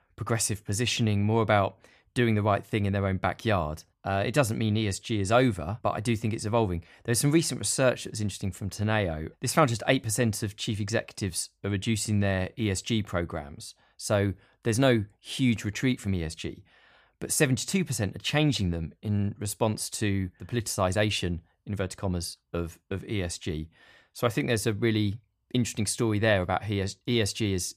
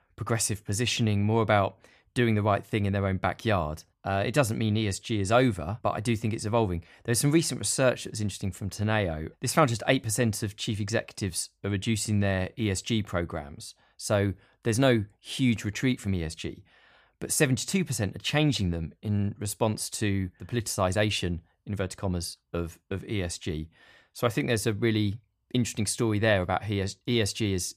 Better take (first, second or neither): neither